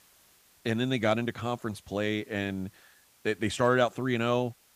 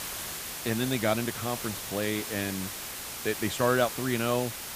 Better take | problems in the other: first | hiss; loud; throughout; 5 dB below the speech; faint in the first

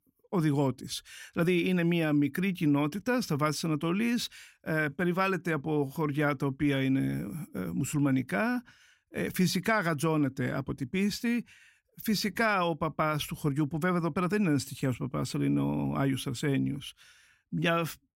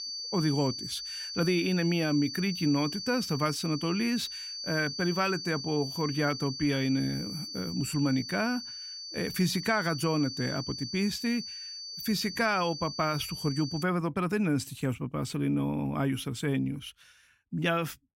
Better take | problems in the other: first | high-pitched whine; loud; until 14 s; 4.5 kHz, 7 dB below the speech

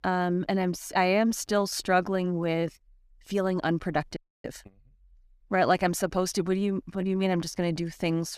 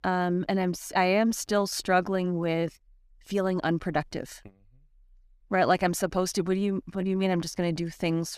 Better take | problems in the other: second | audio freezing; at 4 s

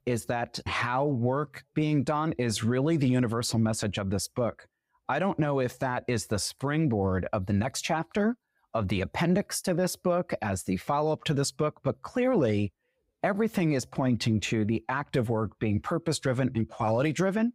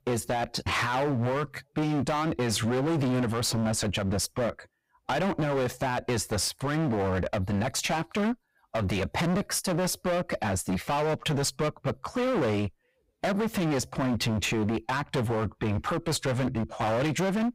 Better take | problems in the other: first | distortion; heavy; 26% of the sound clipped

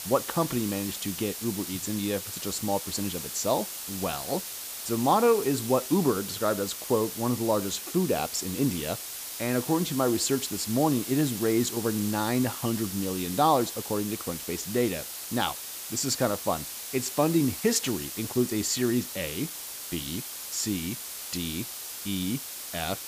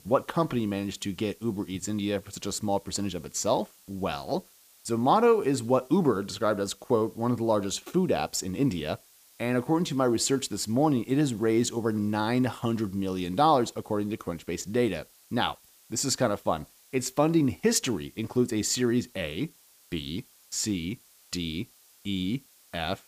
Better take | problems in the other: second | hiss; loud; throughout; 6 dB below the speech; faint in the second

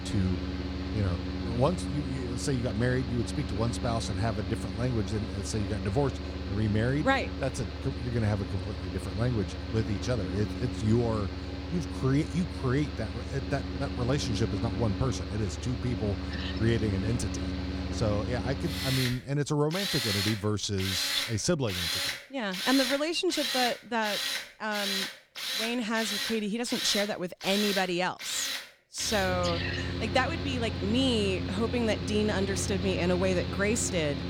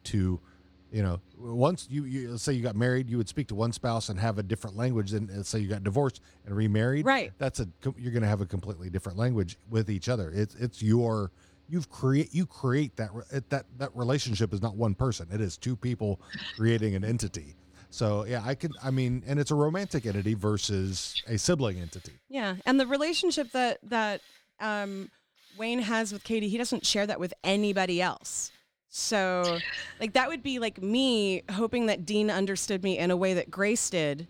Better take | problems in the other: second | machinery noise; loud; throughout; 3 dB below the speech; faint in the second

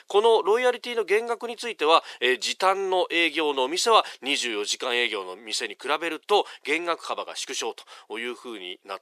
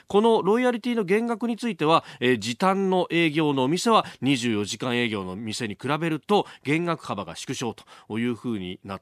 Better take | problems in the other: second | thin; very; fading below 400 Hz

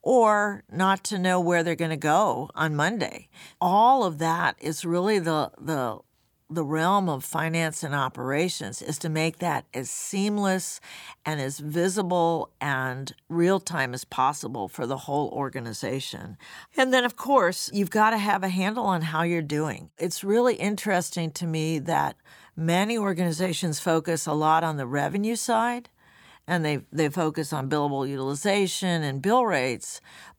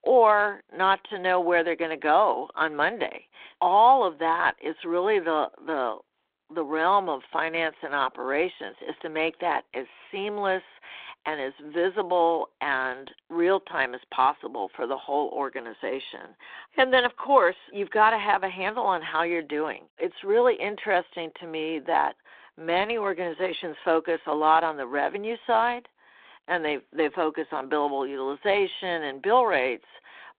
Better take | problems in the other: first | phone-call audio; nothing above 3.5 kHz

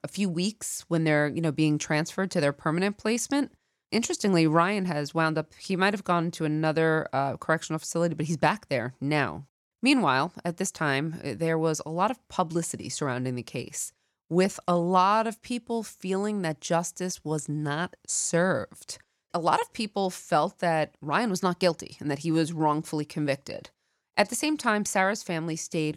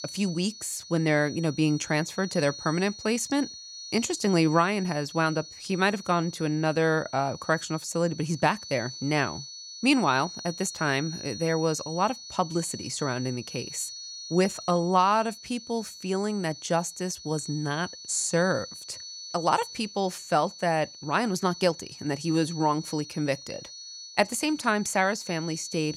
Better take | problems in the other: first | high-pitched whine; noticeable; throughout; 4.5 kHz, 10 dB below the speech

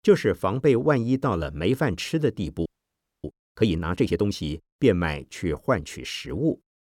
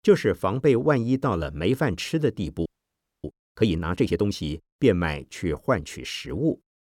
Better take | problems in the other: neither | audio freezing; at 2.5 s for 0.5 s; the same in both

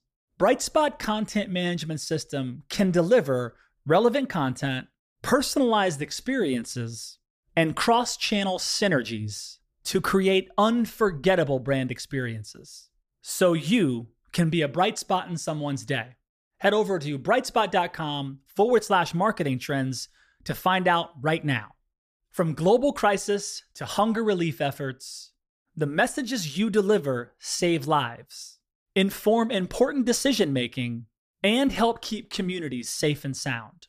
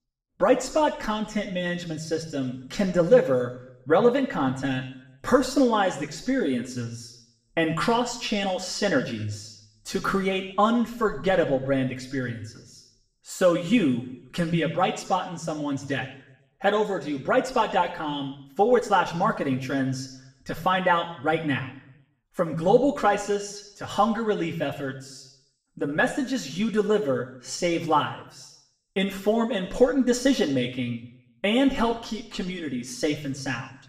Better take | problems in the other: first | room echo; slight; dies away in 0.7 s // off-mic speech; far

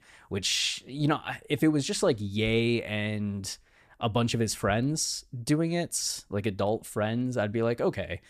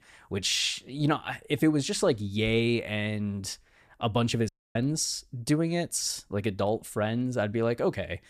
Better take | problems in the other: first | audio cutting out; at 4.5 s

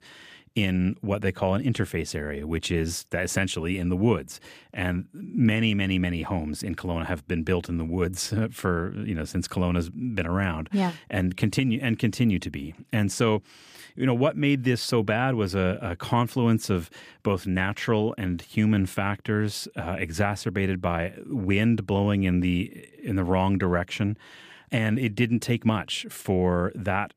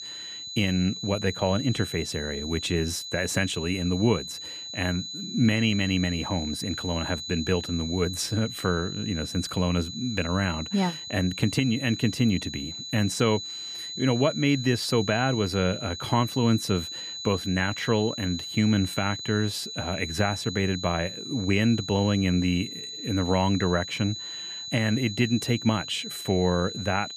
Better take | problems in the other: first | high-pitched whine; loud; throughout; 4 kHz, 8 dB below the speech

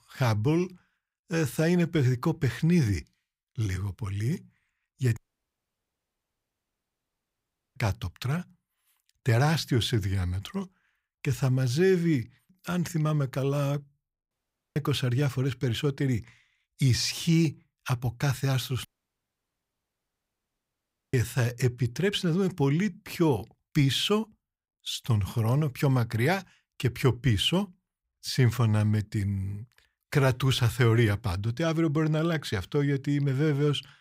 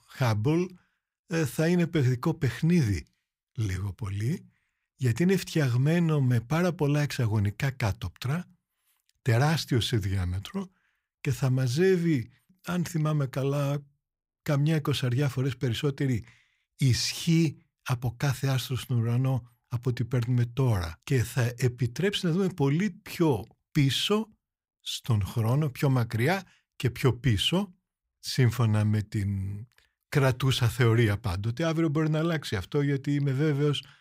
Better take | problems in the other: second | audio cutting out; at 5 s for 2.5 s, at 14 s and at 19 s for 2.5 s

